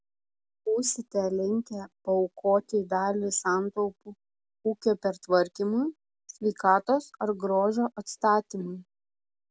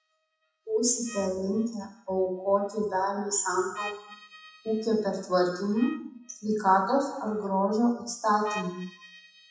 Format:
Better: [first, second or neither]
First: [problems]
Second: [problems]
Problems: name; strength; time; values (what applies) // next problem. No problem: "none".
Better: first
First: none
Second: noise reduction (classical method WPE with log-MMSE)